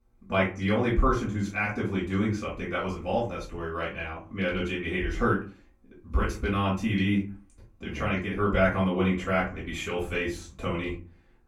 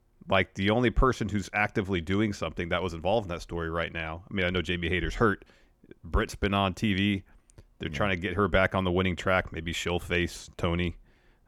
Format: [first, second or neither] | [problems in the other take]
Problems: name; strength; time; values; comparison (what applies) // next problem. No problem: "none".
second | off-mic speech; far // room echo; slight; dies away in 0.3 s